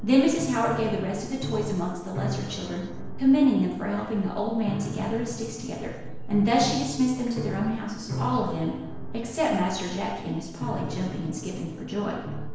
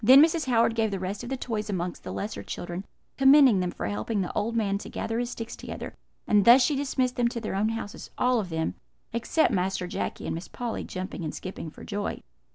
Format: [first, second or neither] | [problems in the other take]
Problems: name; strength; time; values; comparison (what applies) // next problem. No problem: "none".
second | background sound (Piano); 10 dB below the speech // room echo; dies away in 0.9 s